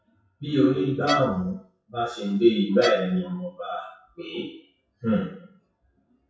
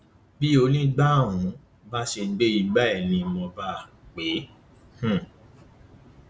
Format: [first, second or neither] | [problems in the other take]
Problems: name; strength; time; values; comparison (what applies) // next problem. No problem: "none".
second | noise reduction (classical method WPE with log-MMSE)